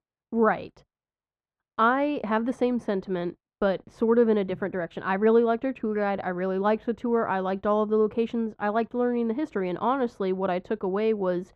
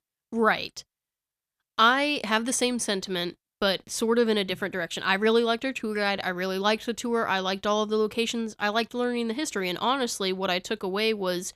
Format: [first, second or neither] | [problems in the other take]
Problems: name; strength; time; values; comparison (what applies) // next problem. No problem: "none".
second | muffled; very; fading above 3 kHz